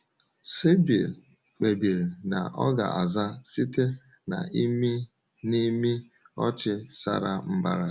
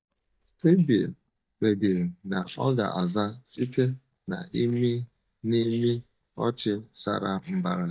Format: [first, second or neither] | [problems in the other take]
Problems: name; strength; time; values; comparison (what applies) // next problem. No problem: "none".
first | noise reduction (neural mask model DeepFilterNet 3)